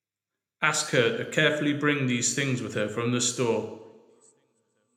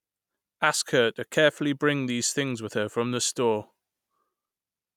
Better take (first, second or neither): second